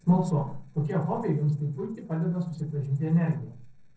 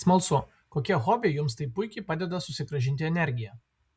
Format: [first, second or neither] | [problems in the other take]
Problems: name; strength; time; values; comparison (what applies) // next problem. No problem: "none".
second | noise reduction (neural separator model SepFormer DNS4)